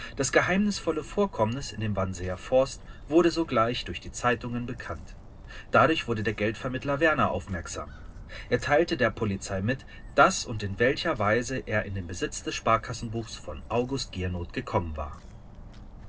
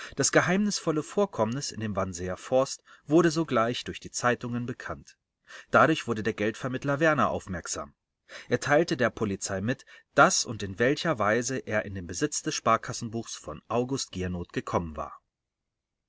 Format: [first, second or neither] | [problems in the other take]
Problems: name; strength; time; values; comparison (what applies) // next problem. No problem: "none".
second | background sound (Walk, footsteps); 15 dB below the speech // room echo; dies away in 0.2 s